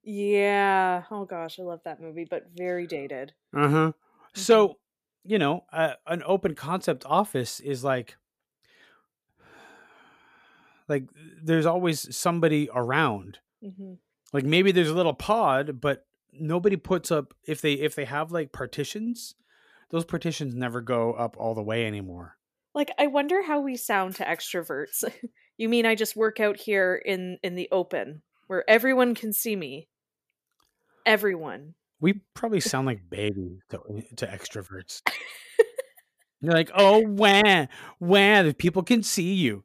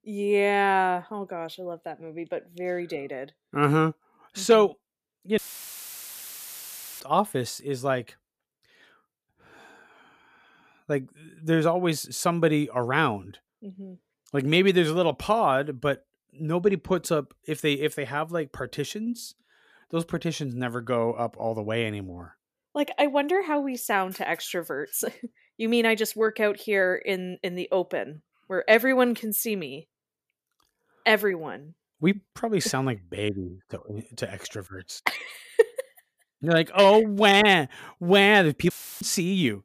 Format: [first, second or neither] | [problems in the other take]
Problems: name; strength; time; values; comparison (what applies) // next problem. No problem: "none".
first | audio cutting out; filled with static; at 5.5 s for 1.5 s and at 39 s